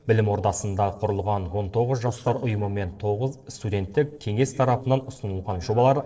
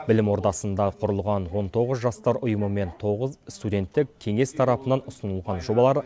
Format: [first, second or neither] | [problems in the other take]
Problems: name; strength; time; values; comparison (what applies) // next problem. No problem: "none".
second | noise reduction (neural separator model SepFormer DNS4)